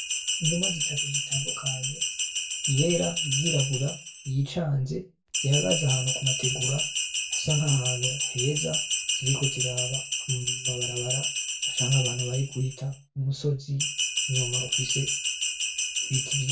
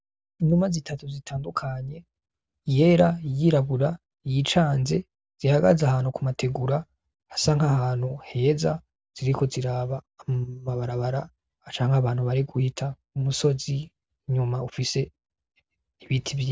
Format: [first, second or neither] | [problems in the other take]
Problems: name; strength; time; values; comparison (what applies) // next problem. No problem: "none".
second | background sound (Bell); 1 dB above the speech // room echo; dies away in 0.2 s